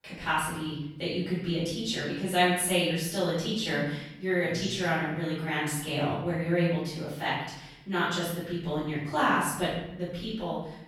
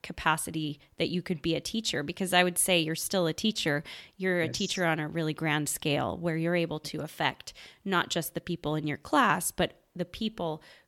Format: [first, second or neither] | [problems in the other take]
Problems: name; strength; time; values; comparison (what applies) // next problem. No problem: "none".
second | off-mic speech; far // room echo; noticeable; dies away in 0.9 s